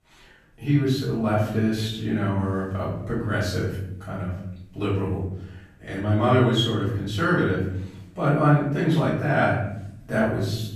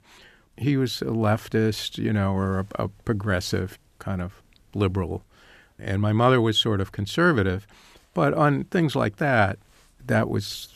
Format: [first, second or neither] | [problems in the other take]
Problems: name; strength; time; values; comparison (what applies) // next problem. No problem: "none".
second | room echo; noticeable; dies away in 0.8 s // off-mic speech; far